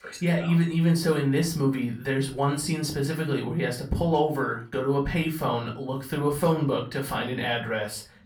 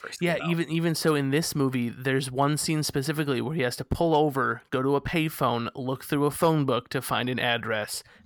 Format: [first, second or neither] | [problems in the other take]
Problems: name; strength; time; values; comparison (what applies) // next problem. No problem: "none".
second | off-mic speech; far // room echo; very slight; dies away in 0.3 s